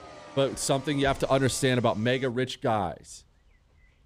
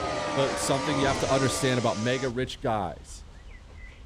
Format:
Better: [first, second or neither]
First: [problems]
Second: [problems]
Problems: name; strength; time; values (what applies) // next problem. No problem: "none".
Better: first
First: traffic noise; faint; throughout; 20 dB below the speech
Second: traffic noise; loud; throughout; 3 dB below the speech